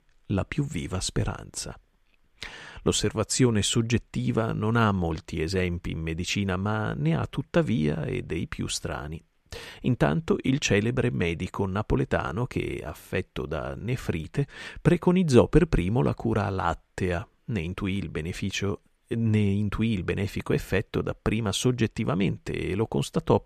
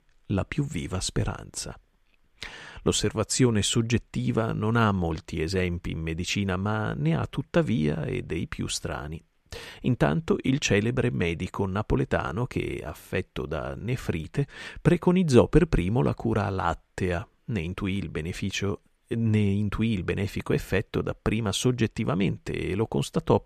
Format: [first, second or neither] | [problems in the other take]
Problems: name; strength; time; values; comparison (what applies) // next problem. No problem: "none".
neither | none